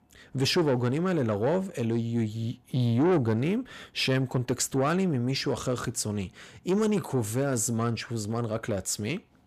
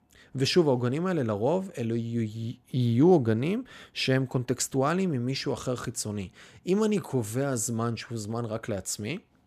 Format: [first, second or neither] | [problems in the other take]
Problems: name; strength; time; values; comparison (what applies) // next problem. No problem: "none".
second | distortion; slight; 10 dB below the speech